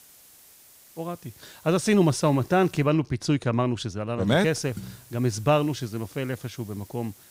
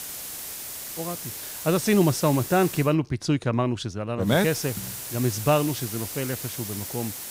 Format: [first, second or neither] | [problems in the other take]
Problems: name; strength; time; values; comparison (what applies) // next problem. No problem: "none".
first | hiss; loud; until 3 s and from 4.5 s on; 8 dB below the speech; faint in the first